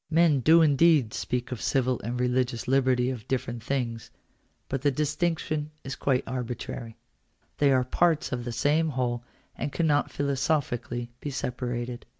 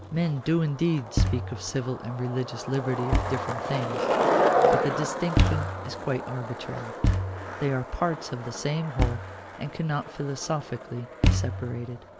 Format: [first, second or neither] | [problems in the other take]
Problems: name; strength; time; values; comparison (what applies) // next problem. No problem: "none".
first | background sound (Skateboard + Thump, thud); 3 dB above the speech